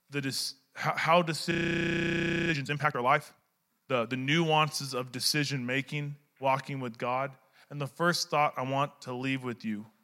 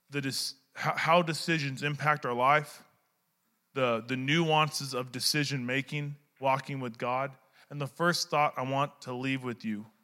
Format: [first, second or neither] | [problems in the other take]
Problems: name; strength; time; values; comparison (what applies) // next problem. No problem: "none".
second | audio freezing; at 1.5 s for 1 s